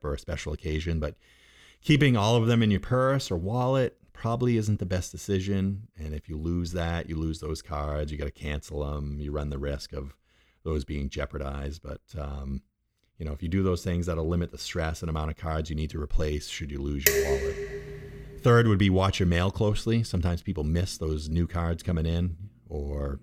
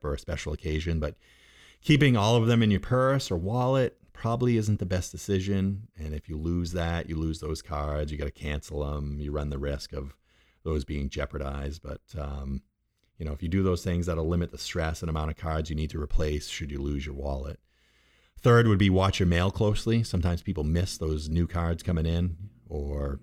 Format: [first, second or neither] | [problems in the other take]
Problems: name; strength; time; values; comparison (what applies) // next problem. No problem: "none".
second | clattering dishes; loud; at 17 s; peak 6 dB above the speech